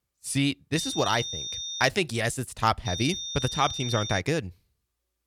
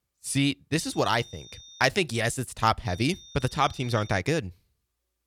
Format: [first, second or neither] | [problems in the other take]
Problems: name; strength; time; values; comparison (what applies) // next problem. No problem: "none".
second | high-pitched whine; loud; from 1 to 2 s and from 3 to 4 s; 3.5 kHz, 5 dB below the speech; faint in the second